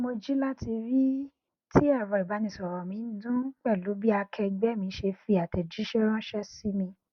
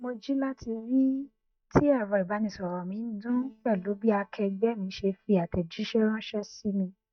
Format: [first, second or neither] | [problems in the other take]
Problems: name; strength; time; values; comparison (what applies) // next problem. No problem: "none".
first | noise reduction (neural mask model DeepFilterNet 3)